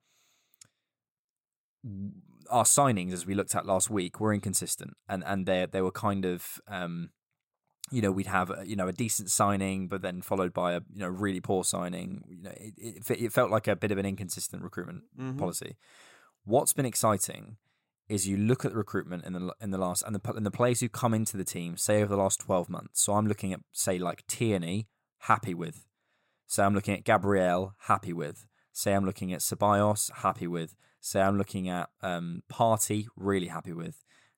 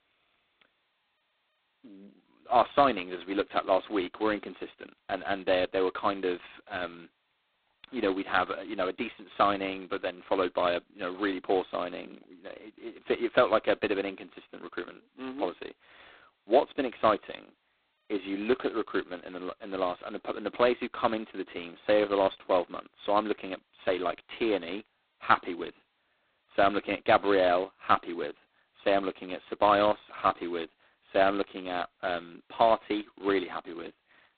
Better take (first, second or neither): first